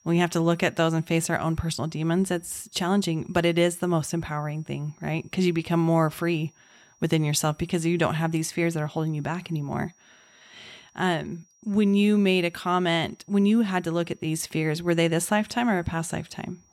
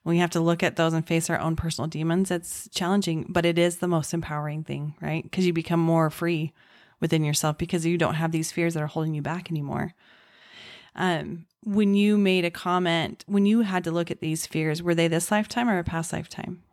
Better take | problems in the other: second | high-pitched whine; faint; throughout; 5.5 kHz, 35 dB below the speech

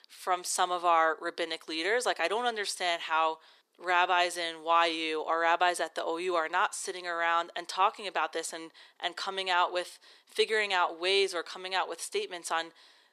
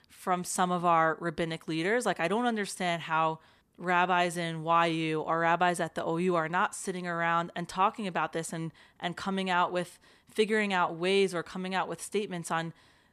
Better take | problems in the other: second | thin; very; fading below 350 Hz

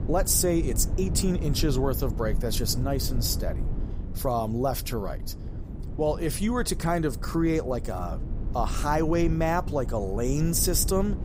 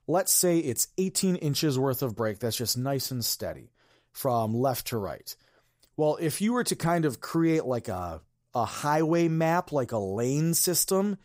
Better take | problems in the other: second | low rumble; noticeable; throughout; 15 dB below the speech

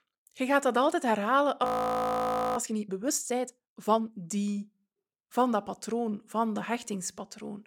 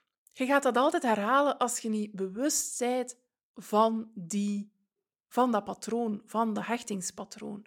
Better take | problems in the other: second | audio freezing; at 1.5 s for 1 s

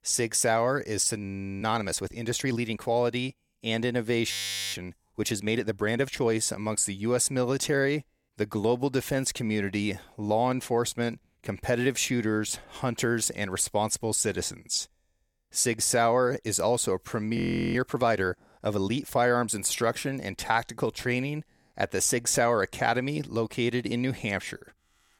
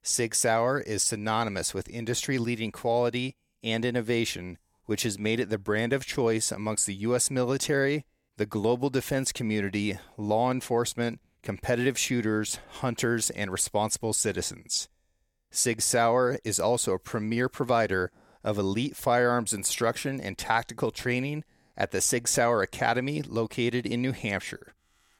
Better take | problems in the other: second | audio freezing; at 1 s, at 4.5 s and at 17 s

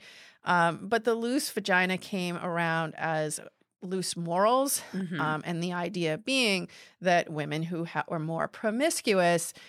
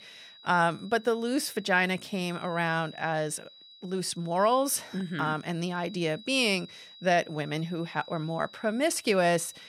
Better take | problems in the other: first | high-pitched whine; faint; throughout; 4 kHz, 20 dB below the speech

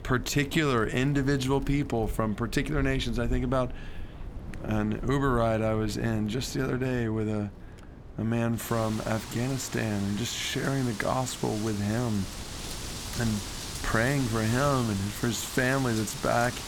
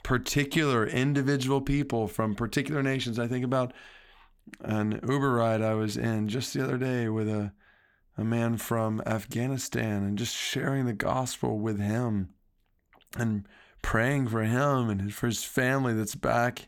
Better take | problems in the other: second | wind in the background; noticeable; throughout; 10 dB below the speech

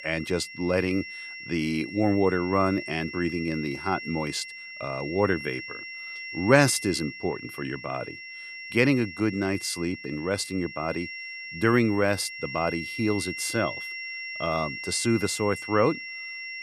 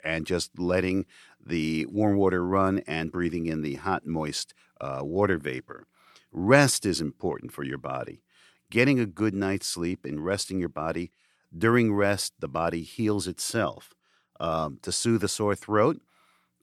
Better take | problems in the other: second | high-pitched whine; loud; throughout; 2 kHz, 9 dB below the speech

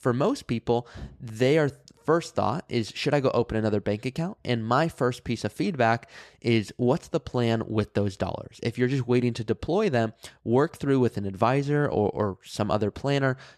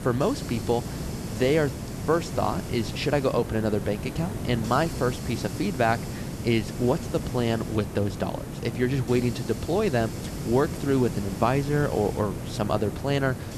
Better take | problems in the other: first | hiss; loud; throughout; 7 dB below the speech

